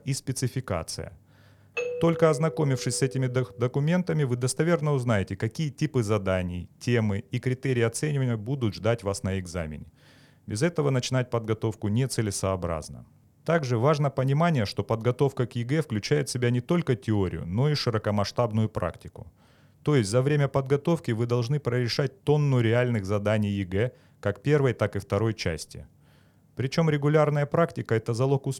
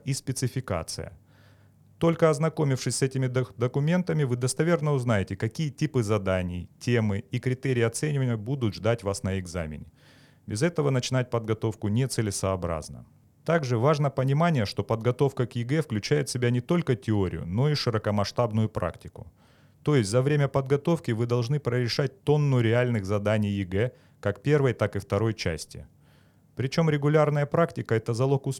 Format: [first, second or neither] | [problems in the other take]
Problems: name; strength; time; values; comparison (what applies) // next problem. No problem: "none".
second | doorbell; noticeable; from 2 to 3.5 s; peak 5 dB below the speech